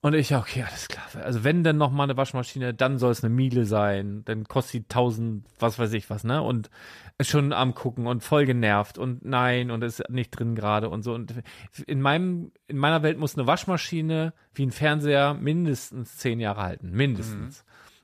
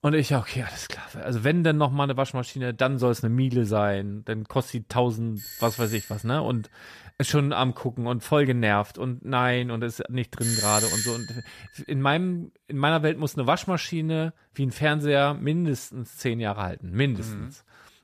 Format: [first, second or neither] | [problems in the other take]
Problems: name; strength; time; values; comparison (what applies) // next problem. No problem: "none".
first | doorbell; noticeable; at 5.5 s; peak 9 dB below the speech // doorbell; loud; at 10 s; peak 3 dB above the speech